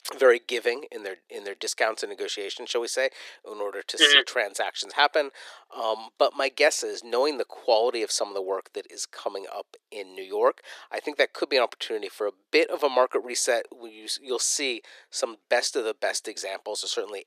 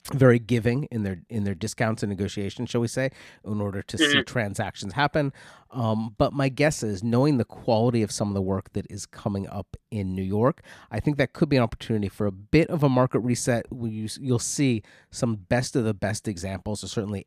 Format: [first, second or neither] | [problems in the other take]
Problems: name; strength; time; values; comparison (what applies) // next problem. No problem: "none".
second | thin; very; fading below 400 Hz